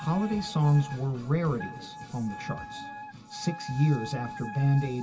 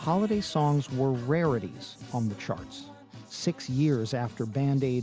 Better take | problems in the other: second | background sound (Wind instrument, woodwind instrument); 13 dB below the speech // room echo; dies away in 2 s

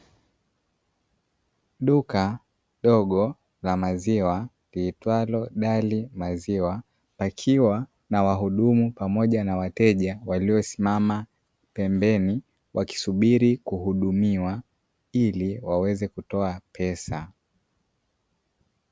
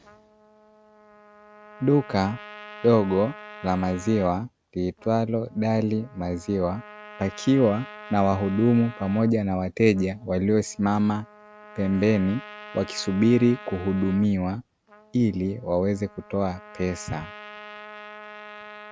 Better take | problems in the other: first | background sound (Trumpet); 19 dB below the speech

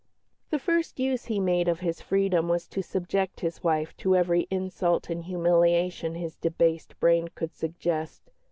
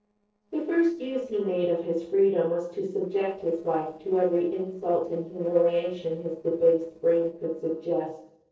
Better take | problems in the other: first | noise reduction (neural separator model SepFormer DNS4)

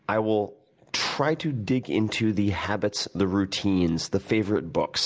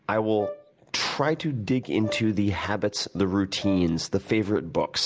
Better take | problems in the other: first | background sound (Brass instrument); 16 dB below the speech

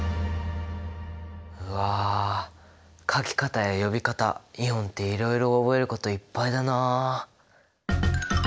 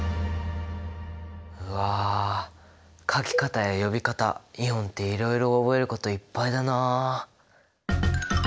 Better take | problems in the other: first | background sound (Cowbell); 11 dB below the speech

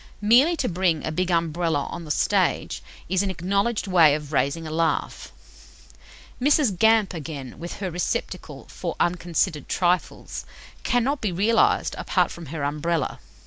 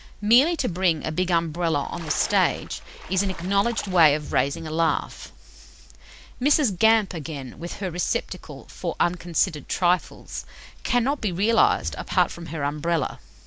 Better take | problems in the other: first | background sound (Run + Splash, splatter); 16 dB below the speech

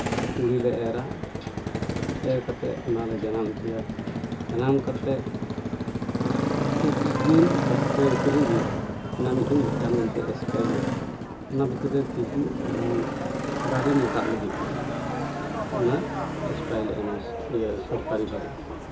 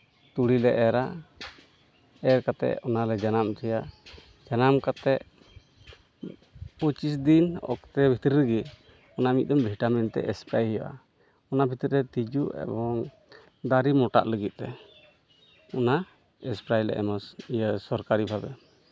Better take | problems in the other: second | background sound (Motorcycle); 1 dB below the speech // room echo; dies away in 0.2 s

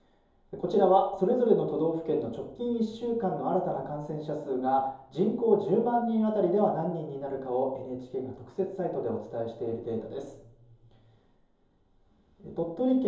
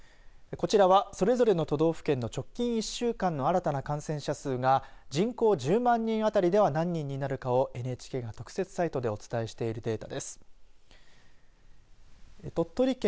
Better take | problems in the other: second | room echo; dies away in 2.8 s

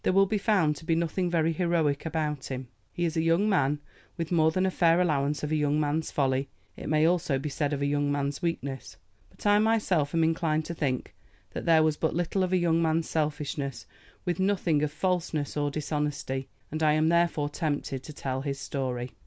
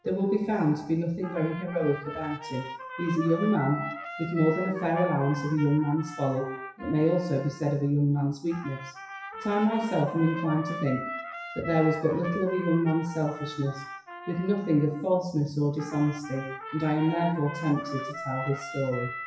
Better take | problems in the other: first | noise reduction (classical method WPE with log-MMSE)

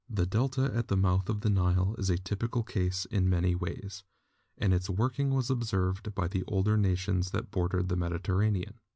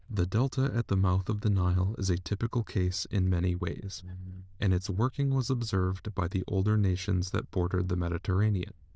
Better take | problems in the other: first | noise reduction (neural diffusion model UNIVERSE++)

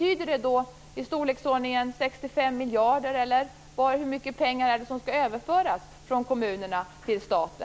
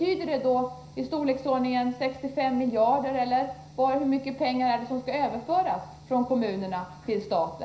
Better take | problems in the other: first | room echo; dies away in 0.5 s

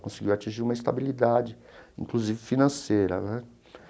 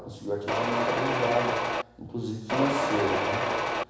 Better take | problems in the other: first | background sound (Mechanisms); 4 dB above the speech // room echo; dies away in 1 s

